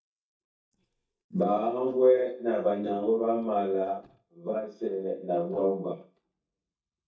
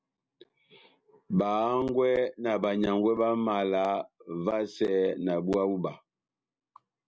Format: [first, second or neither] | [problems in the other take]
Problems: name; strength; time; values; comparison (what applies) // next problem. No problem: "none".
second | noise reduction (neural mask model DeepFilterNet 3)